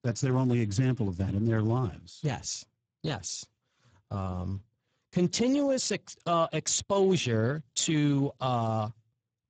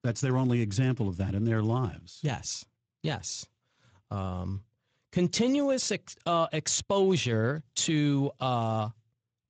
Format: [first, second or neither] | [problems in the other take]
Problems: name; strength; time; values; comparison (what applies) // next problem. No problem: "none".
second | garbled, watery; badly; nothing above 7.5 kHz; slightly in the second